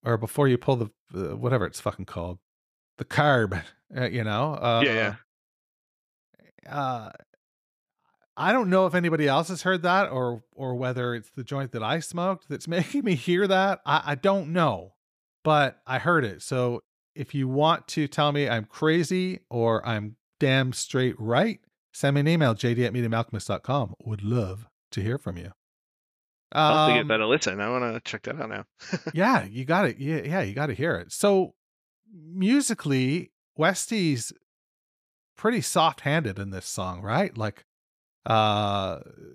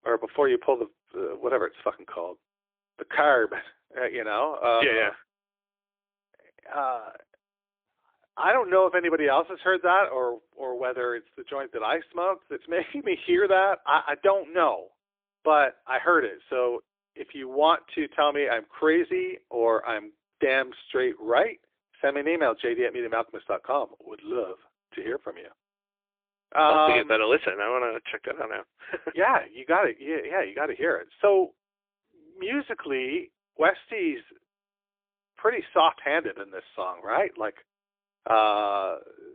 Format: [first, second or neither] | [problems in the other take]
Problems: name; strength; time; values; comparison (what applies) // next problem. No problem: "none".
first | phone-call audio; poor line; nothing above 3.5 kHz